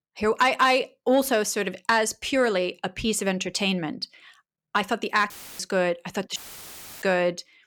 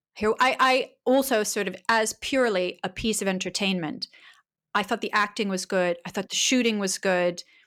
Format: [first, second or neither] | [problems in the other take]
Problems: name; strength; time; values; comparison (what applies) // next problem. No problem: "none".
second | audio cutting out; filled with static; at 5.5 s and at 6.5 s for 0.5 s